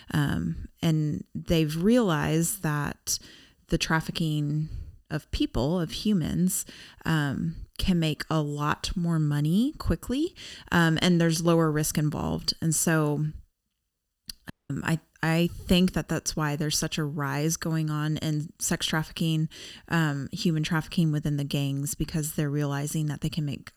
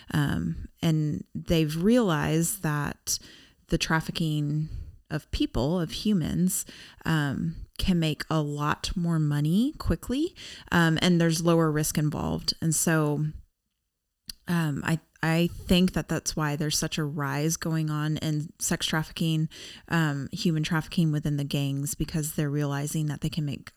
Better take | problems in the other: second | audio cutting out; at 15 s

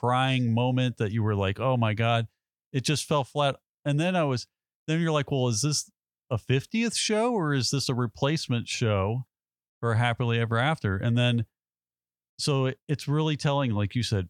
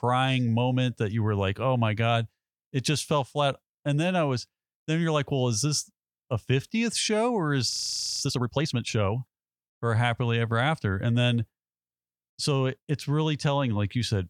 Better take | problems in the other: first | audio freezing; at 7.5 s for 0.5 s

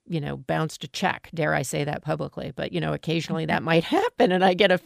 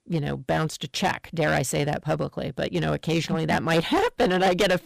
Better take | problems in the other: first | distortion; heavy; 10% of the sound clipped

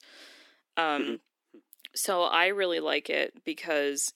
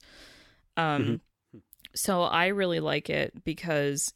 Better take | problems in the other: second | thin; somewhat; fading below 300 Hz

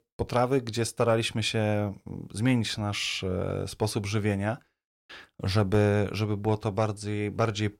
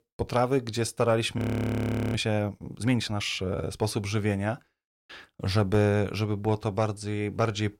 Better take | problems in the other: first | audio freezing; at 1.5 s for 1 s

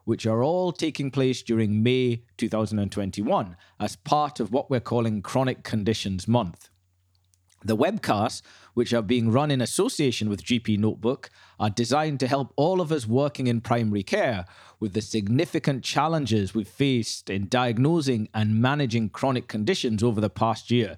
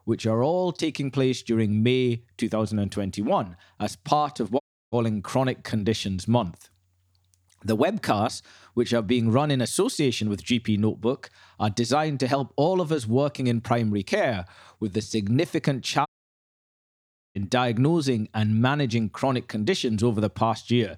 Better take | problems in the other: first | audio cutting out; at 4.5 s and at 16 s for 1.5 s

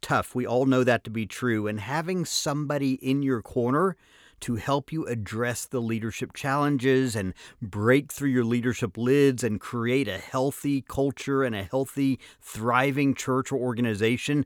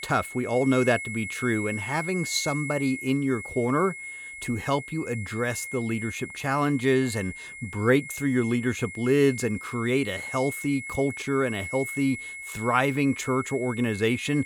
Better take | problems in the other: first | high-pitched whine; loud; throughout; 2 kHz, 9 dB below the speech

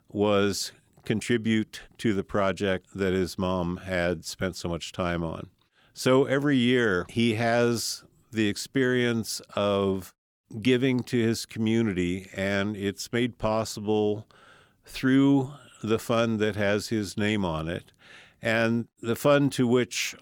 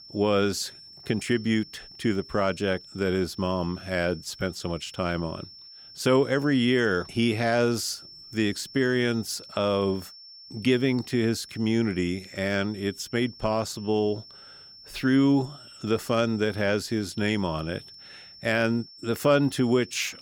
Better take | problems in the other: first | high-pitched whine; noticeable; throughout; 5.5 kHz, 20 dB below the speech

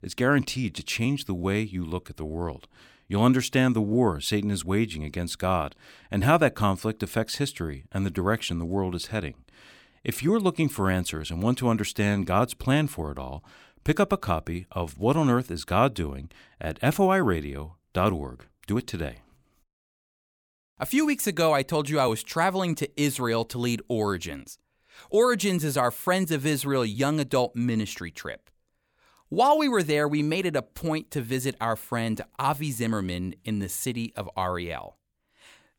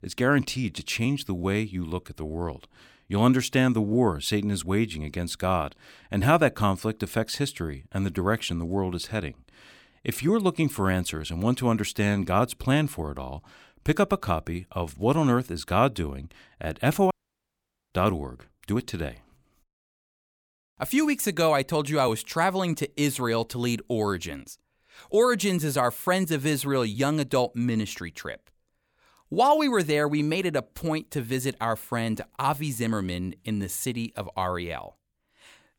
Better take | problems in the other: first | audio cutting out; at 17 s for 1 s

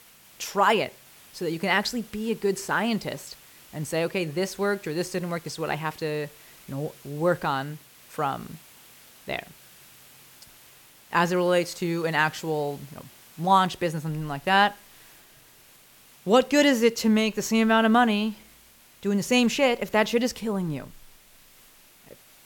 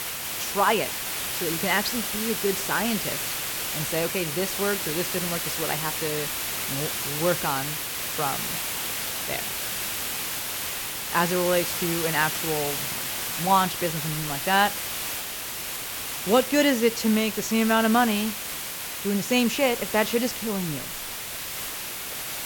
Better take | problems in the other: first | hiss; loud; throughout; 2 dB below the speech; faint in the first

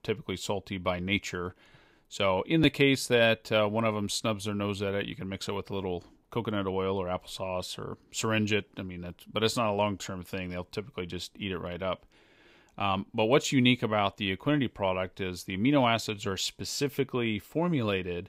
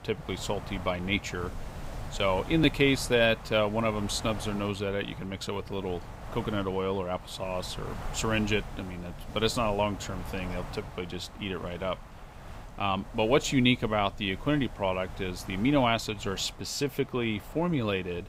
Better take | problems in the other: first | wind noise on the microphone; occasional gusts; 15 dB below the speech

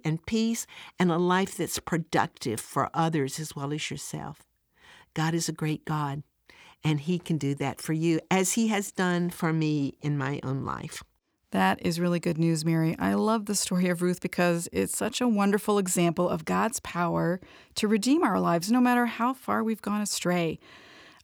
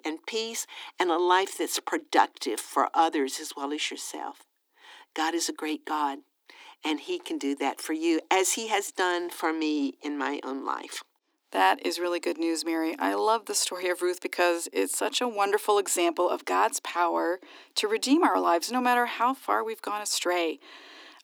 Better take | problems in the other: first | thin; somewhat; fading below 250 Hz

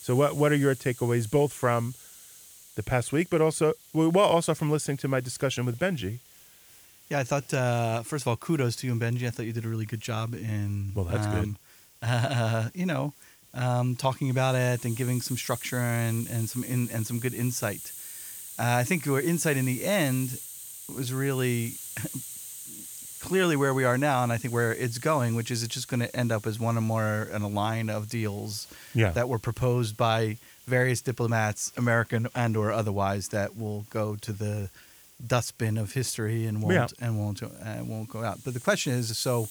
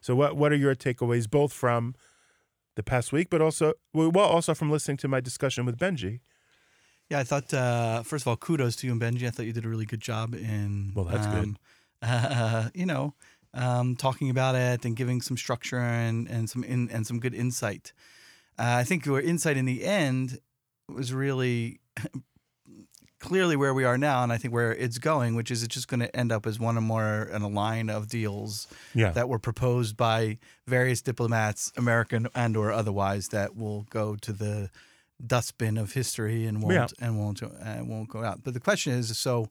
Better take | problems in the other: second | hiss; noticeable; throughout; 15 dB below the speech

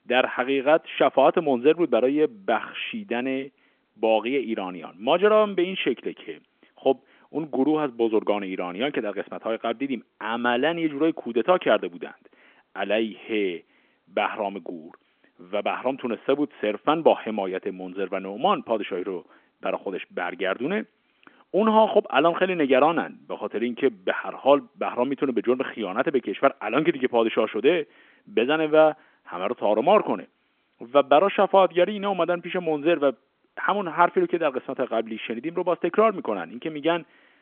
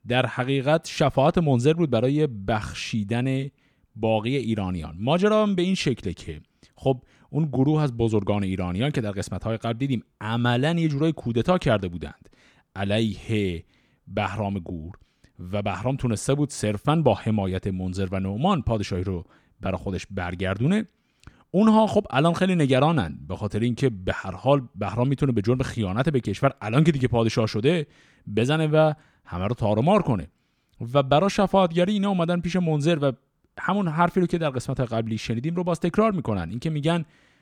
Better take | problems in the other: second | phone-call audio; nothing above 3.5 kHz

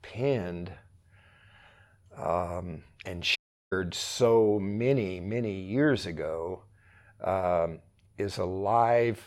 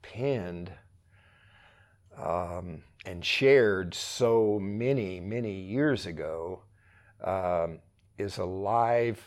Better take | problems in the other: second | audio cutting out; at 3.5 s

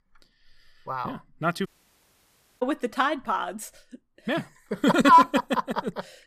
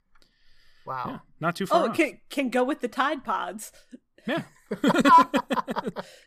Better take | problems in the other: second | audio cutting out; at 1.5 s for 1 s

